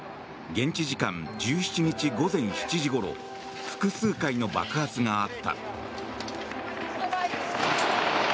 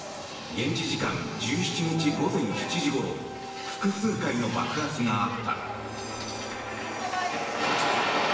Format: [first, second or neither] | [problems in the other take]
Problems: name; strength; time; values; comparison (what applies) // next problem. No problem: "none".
first | background sound (Drill); 14 dB below the speech // room echo; dies away in 1 s